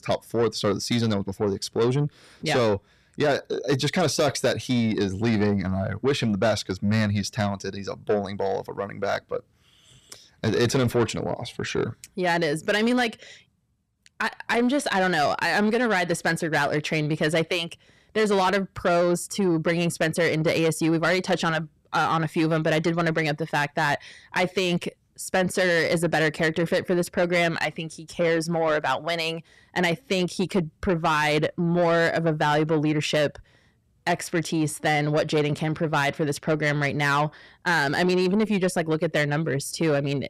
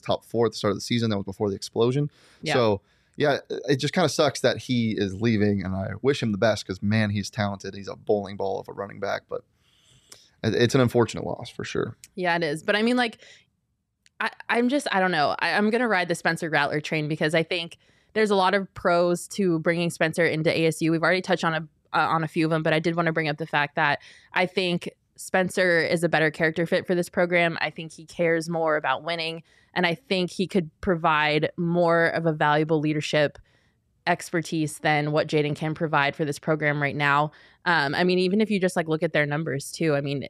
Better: second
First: distortion; slight; 10 dB below the speech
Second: none

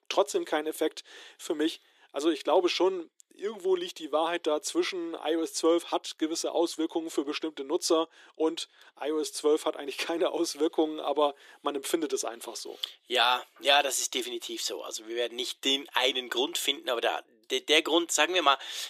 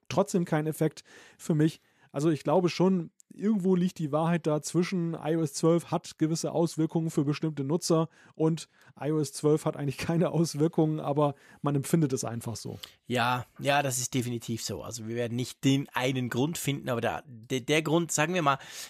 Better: second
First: thin; very; fading below 350 Hz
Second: none

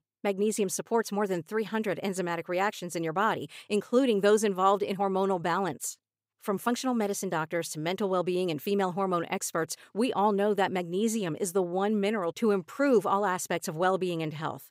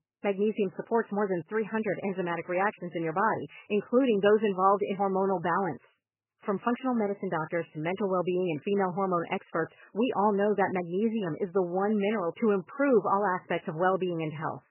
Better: first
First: none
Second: garbled, watery; badly; nothing above 3 kHz

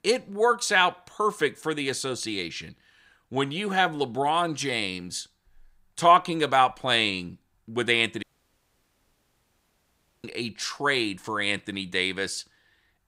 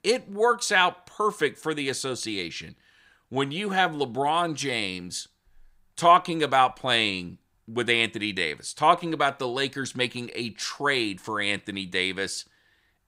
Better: second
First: audio cutting out; at 8 s for 2 s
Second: none

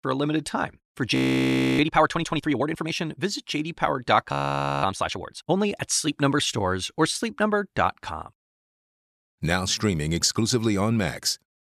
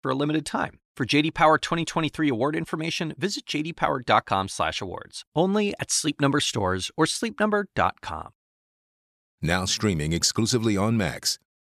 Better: second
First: audio freezing; at 1 s for 0.5 s and at 4.5 s for 0.5 s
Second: none

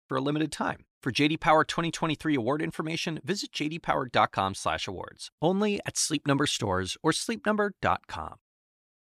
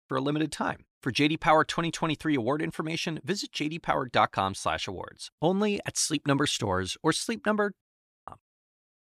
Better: first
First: none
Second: audio cutting out; at 8 s

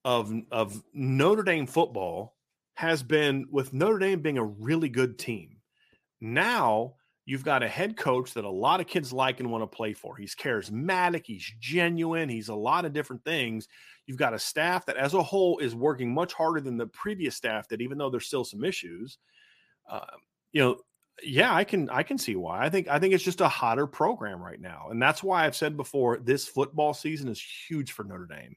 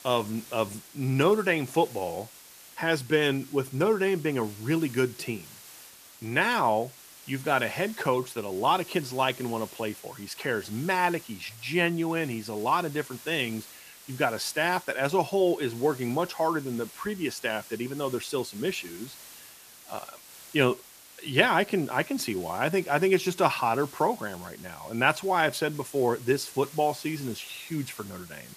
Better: first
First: none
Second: hiss; noticeable; throughout; 20 dB below the speech

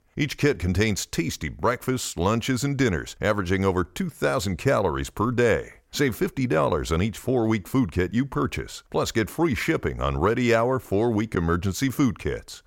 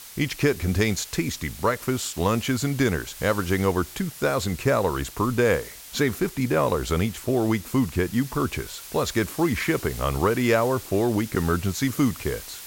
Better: first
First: none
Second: hiss; noticeable; throughout; 15 dB below the speech

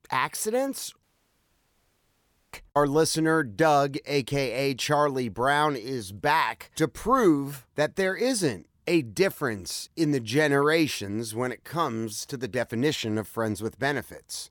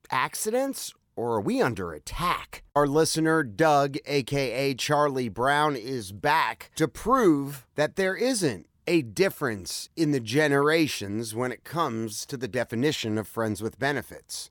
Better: second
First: audio cutting out; at 1 s for 1.5 s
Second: none

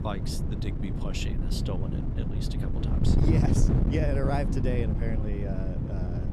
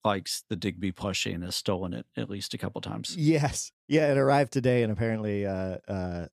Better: second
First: wind noise on the microphone; heavy; 1 dB below the speech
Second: none

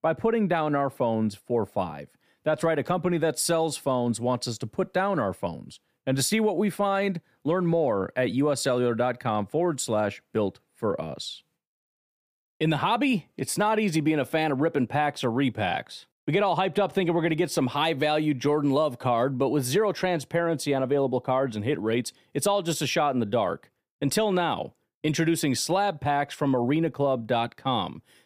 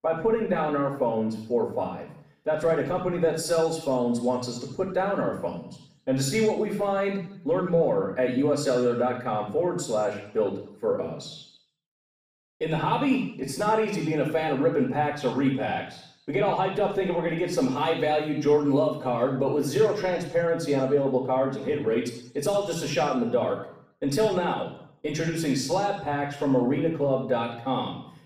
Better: first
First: none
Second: room echo; noticeable; dies away in 0.7 s // off-mic speech; far

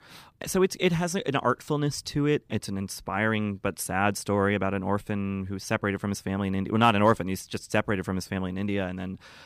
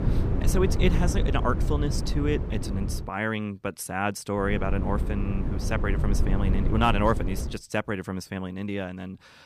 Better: first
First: none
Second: wind noise on the microphone; heavy; until 3 s and from 4.5 to 7.5 s; 8 dB below the speech

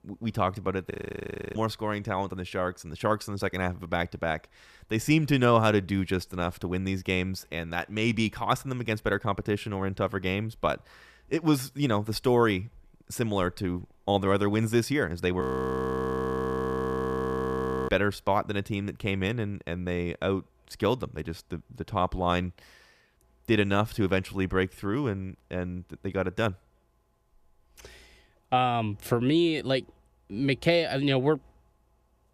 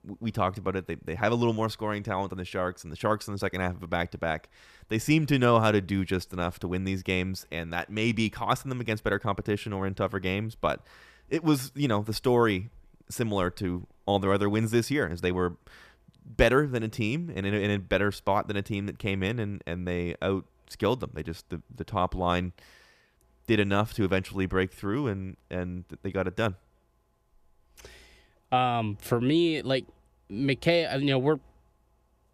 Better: second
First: audio freezing; at 1 s for 0.5 s and at 15 s for 2.5 s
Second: none

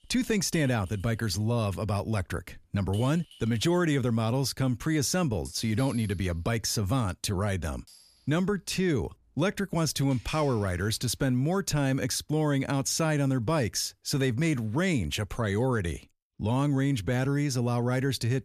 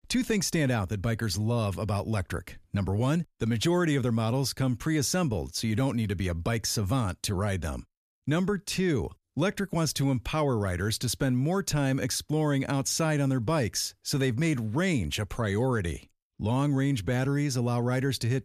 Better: second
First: household noises; faint; until 11 s; 20 dB below the speech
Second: none

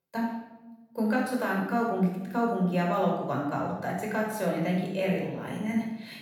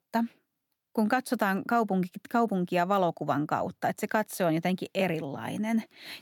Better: second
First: off-mic speech; far // room echo; noticeable; dies away in 0.9 s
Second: none

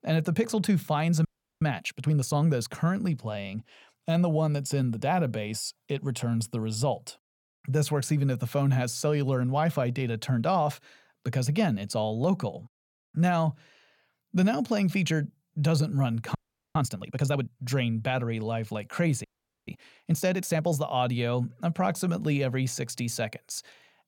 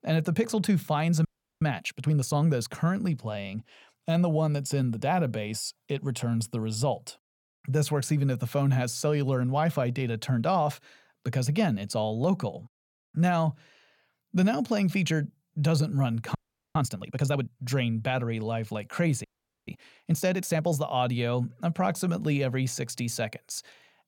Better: neither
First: audio freezing; at 1.5 s, at 16 s and at 19 s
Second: audio freezing; at 1.5 s, at 16 s and at 19 s

